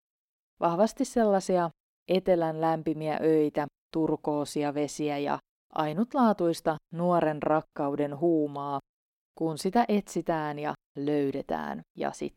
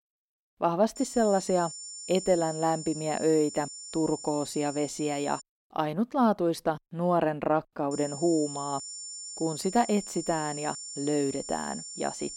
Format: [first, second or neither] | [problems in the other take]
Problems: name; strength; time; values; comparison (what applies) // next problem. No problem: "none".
first | high-pitched whine; loud; from 1 to 5.5 s and from 8 s on; 7 kHz, 10 dB below the speech